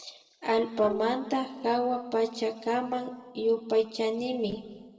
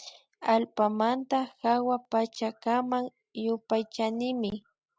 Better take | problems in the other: second | noise reduction (neural separator model SepFormer DNS4)

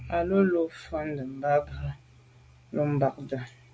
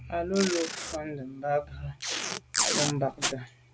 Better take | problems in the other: first | background sound (Packing tape, duct tape); 1 dB below the speech

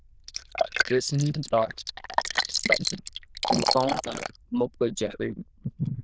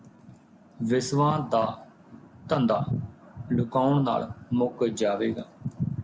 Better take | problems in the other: second | noise reduction (neural diffusion model UNIVERSE++)

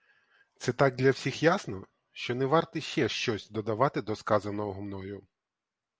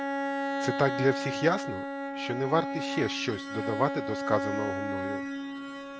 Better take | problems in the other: first | background sound (Bowed string instrument); 2 dB below the speech

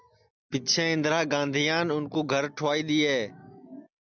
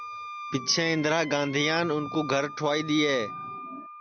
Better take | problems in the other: first | background sound (Wind instrument, woodwind instrument); 11 dB below the speech

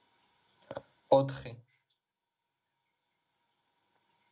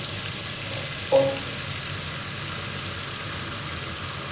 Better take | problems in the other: first | background sound (Fill (with liquid) / Trickle, dribble / Sink (filling or washing)); 1 dB below the speech // room echo; dies away in 0.6 s

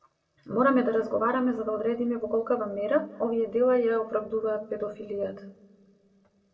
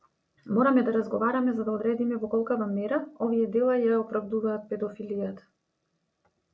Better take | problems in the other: second | room echo; dies away in 0.7 s

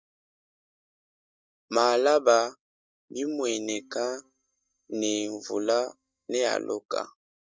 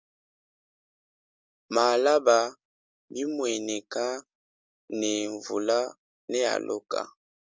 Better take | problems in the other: second | noise reduction (neural mask model DeepFilterNet 3)

